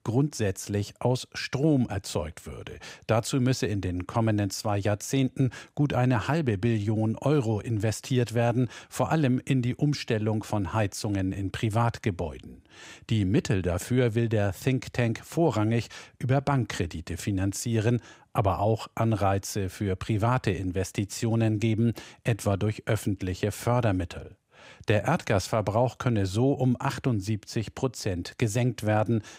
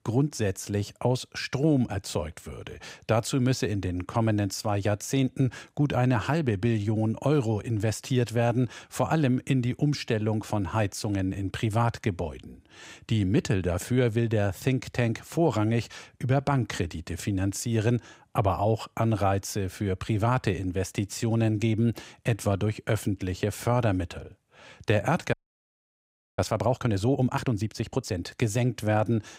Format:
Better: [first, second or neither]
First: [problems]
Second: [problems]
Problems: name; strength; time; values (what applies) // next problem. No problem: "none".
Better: first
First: none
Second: audio freezing; at 25 s for 1 s